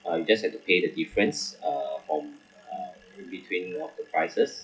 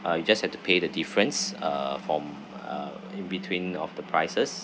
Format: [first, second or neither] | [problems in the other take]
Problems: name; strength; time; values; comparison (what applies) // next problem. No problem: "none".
second | noise reduction (classical method WPE with log-MMSE)